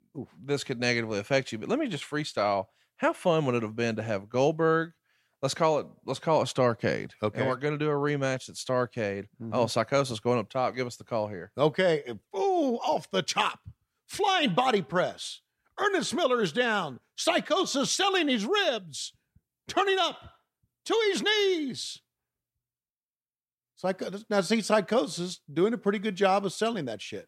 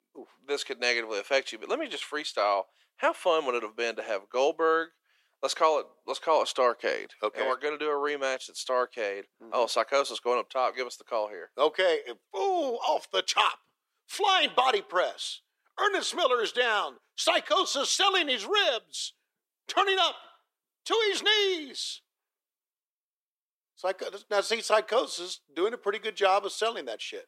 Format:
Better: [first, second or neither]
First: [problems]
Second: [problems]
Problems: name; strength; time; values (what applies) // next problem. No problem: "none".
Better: first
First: none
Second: thin; very; fading below 400 Hz